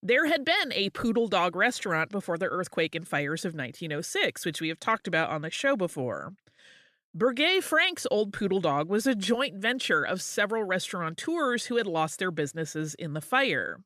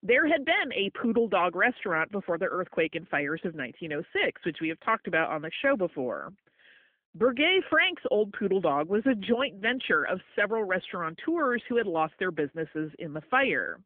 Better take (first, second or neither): first